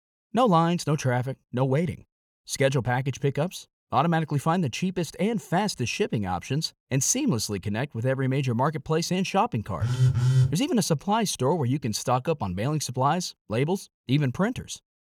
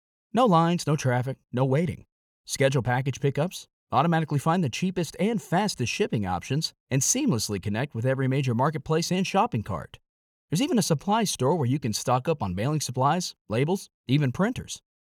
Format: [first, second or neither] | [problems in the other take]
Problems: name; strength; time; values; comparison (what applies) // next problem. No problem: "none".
second | phone ringing; loud; at 10 s; peak 5 dB above the speech